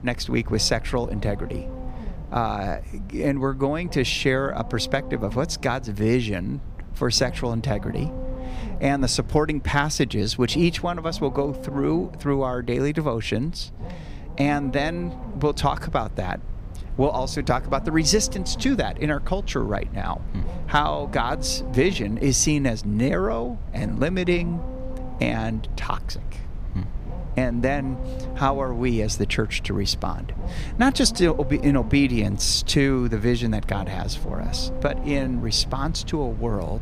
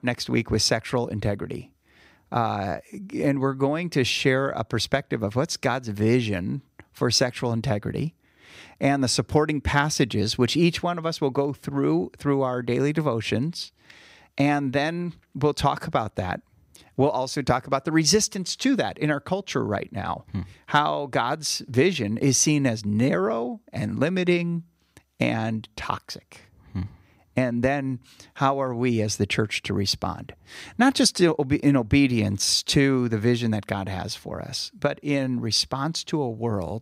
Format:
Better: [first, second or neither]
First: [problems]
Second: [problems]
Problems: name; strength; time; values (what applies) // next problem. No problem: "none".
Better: second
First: low rumble; noticeable; throughout; 15 dB below the speech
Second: none